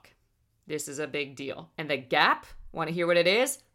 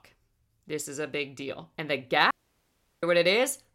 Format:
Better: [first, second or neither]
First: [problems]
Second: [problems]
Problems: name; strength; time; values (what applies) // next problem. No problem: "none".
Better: first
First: none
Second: audio cutting out; at 2.5 s for 0.5 s